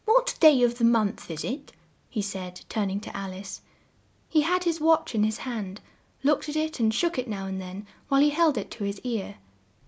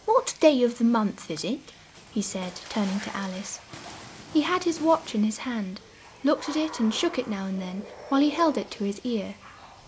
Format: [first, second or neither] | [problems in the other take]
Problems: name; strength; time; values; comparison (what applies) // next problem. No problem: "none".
first | background sound (Water / Splash, splatter); 17 dB below the speech